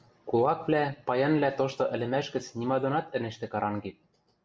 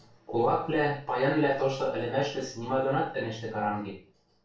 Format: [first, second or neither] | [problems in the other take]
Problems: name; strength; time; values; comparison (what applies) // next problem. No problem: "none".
first | room echo; dies away in 0.3 s